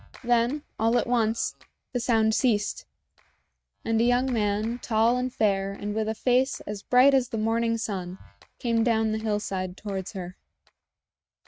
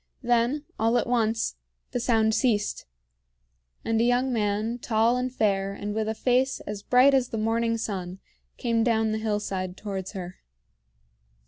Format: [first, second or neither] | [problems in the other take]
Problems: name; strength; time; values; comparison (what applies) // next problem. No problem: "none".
second | noise reduction (neural mask model RNNoise)